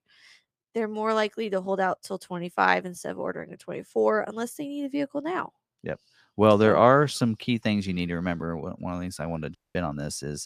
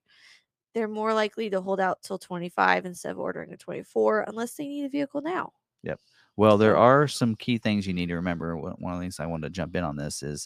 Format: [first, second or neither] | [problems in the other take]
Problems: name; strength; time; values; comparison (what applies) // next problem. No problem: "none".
second | audio cutting out; at 9.5 s